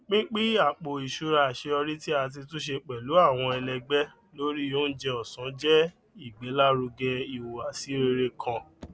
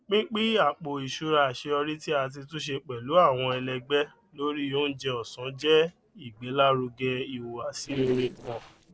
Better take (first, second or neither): first